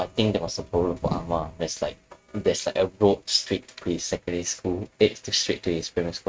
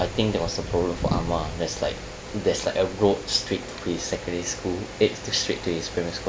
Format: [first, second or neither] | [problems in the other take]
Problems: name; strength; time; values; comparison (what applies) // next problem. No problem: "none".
second | noise reduction (neural mask model RNNoise)